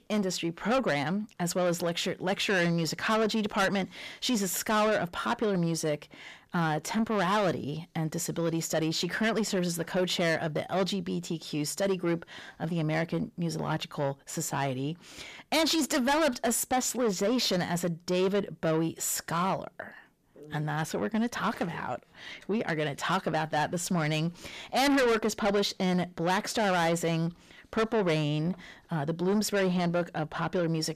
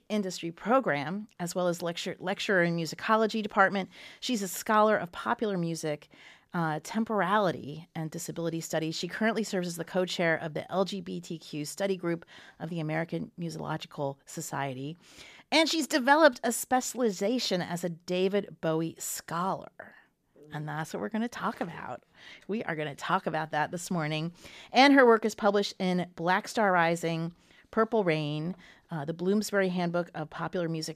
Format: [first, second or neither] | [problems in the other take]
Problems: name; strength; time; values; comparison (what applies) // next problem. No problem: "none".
second | distortion; heavy; 6 dB below the speech